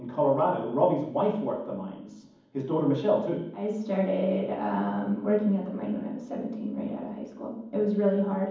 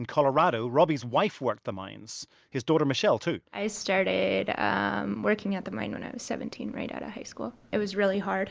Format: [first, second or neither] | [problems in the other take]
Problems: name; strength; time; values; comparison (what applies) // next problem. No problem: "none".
second | room echo; dies away in 1.2 s